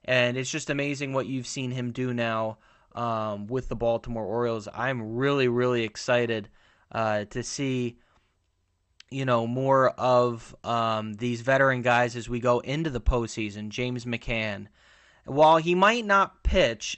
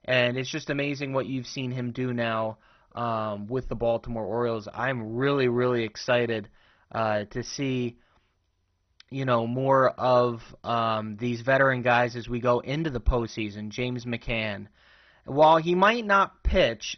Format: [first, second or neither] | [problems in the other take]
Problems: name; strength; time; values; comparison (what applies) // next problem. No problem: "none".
first | garbled, watery; badly; nothing above 6 kHz; slightly in the first